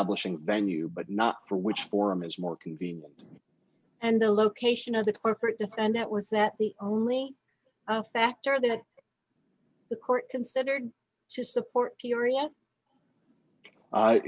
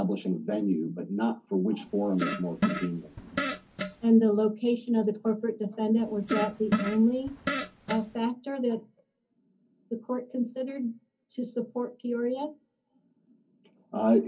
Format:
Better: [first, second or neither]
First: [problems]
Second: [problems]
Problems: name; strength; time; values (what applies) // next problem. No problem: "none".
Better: first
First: none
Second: background sound (Fart); 4 dB below the speech // room echo; dies away in 0.4 s